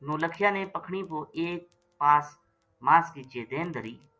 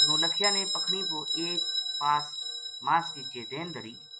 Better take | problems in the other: first | background sound (Bell); 2 dB above the speech

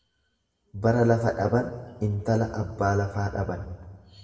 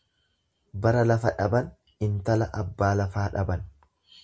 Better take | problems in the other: second | room echo; dies away in 1.5 s

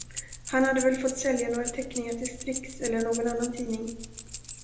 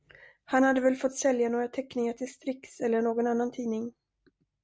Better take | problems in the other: second | background sound (Keys jangling); 9 dB below the speech // room echo; dies away in 0.8 s

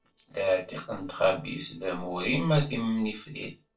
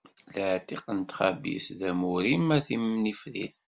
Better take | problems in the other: second | noise reduction (neural separator model SepFormer DNS4)

